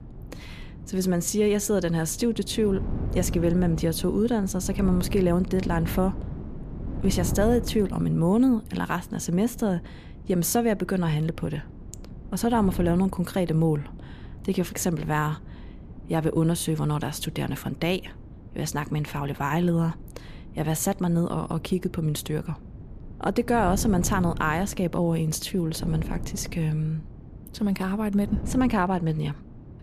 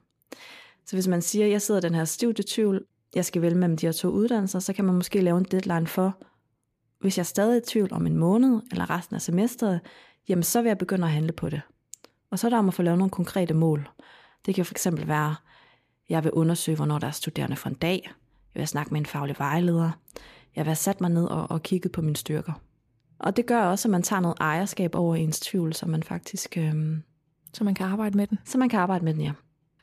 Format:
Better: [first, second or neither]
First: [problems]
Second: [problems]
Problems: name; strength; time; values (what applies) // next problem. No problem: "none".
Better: second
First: wind noise on the microphone; occasional gusts; 15 dB below the speech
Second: none